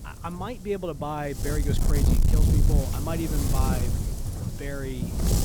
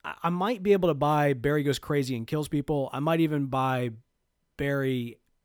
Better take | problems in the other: second | wind noise on the microphone; heavy; 2 dB below the speech

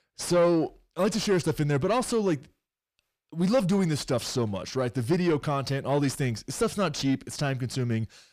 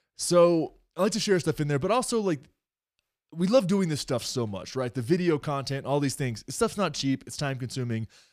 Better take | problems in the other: second | distortion; slight; 10 dB below the speech

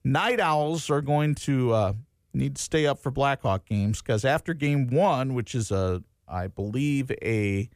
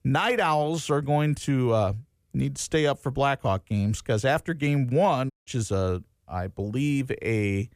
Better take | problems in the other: first | audio cutting out; at 5.5 s

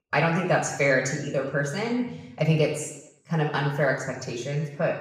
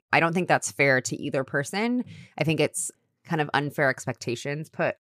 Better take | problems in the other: second | room echo; noticeable; dies away in 0.7 s // off-mic speech; far

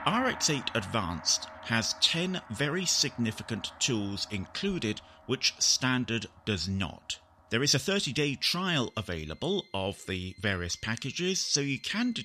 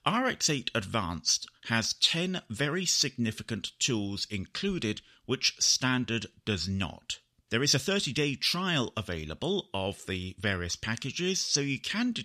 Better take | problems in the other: second | background music; noticeable; throughout; 20 dB below the speech

